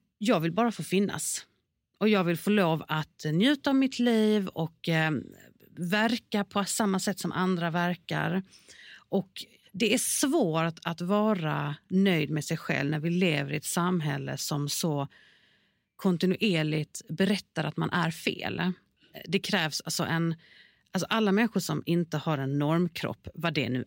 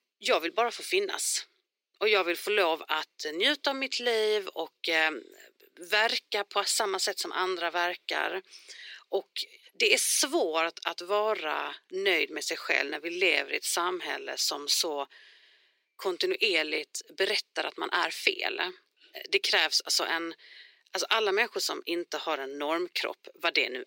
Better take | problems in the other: first | thin; very; fading below 350 Hz

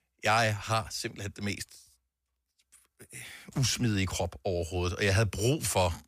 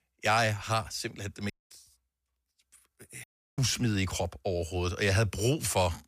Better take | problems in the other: first | audio cutting out; at 1.5 s and at 3 s

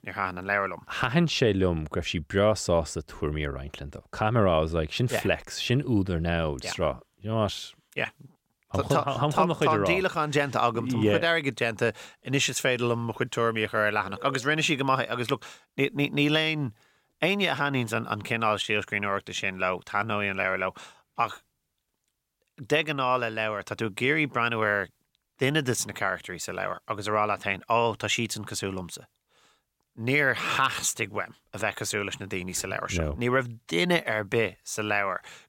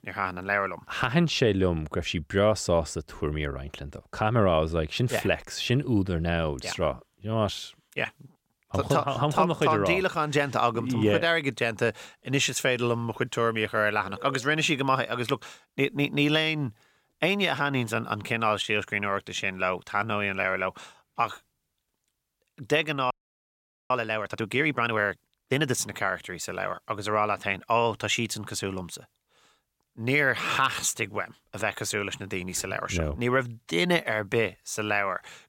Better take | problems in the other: first | audio freezing; at 23 s for 1 s

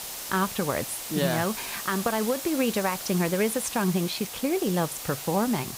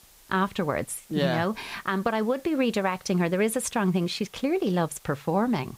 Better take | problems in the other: second | hiss; loud; throughout; 7 dB below the speech; faint in the second

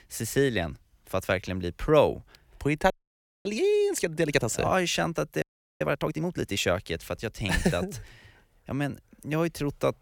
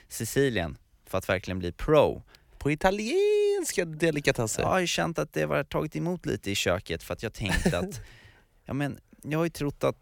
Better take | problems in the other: second | audio freezing; at 3 s for 0.5 s and at 5.5 s

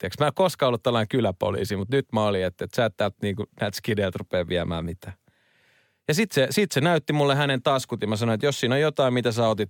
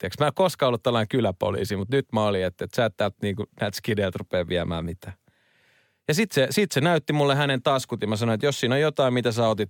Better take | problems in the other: neither | none

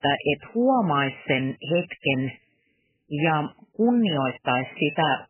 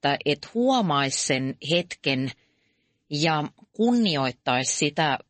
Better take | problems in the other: second | garbled, watery; badly; nothing above 3 kHz; slightly in the second

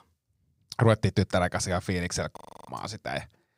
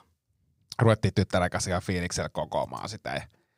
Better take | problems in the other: second | audio freezing; at 2.5 s

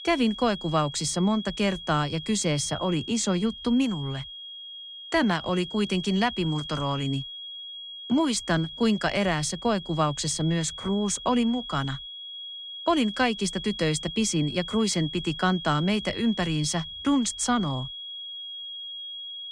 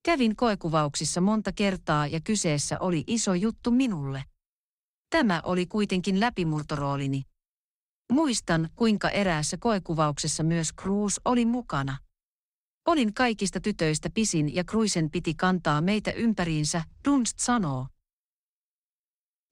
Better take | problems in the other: second | high-pitched whine; loud; throughout; 3.5 kHz, 10 dB below the speech

